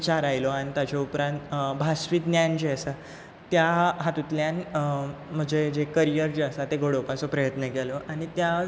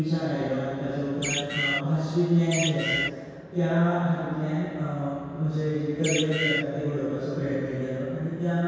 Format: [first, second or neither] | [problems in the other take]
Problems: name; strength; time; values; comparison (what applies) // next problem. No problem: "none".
first | background sound (Bird); 2 dB below the speech // room echo; dies away in 2 s